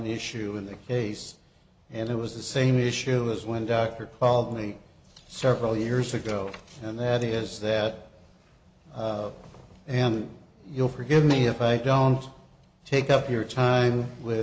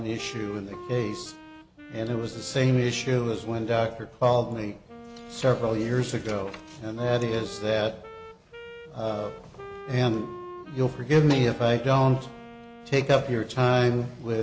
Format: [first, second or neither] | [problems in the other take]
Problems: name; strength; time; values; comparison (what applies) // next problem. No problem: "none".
first | background sound (Wind instrument, woodwind instrument); 17 dB below the speech